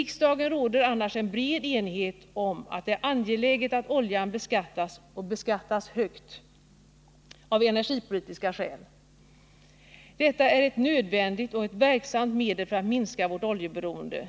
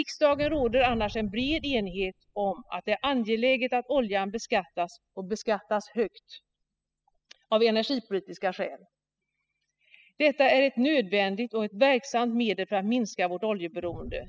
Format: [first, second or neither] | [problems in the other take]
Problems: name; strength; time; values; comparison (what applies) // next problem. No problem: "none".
first | noise reduction (classical method spectral subtraction)